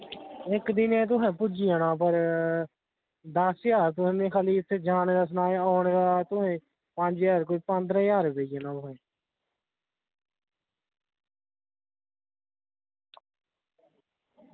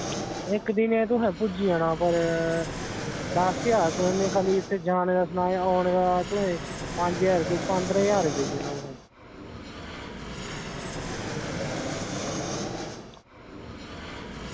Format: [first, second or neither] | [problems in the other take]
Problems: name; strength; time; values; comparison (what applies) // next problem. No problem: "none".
first | background sound (Fixed-wing aircraft, airplane); 7 dB below the speech